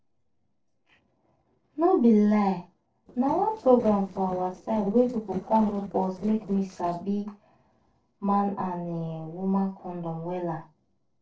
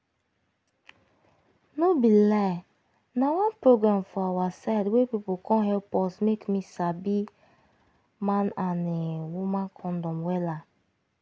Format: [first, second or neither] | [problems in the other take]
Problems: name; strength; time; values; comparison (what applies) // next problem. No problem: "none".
second | noise reduction (neural separator model SepFormer DNS4)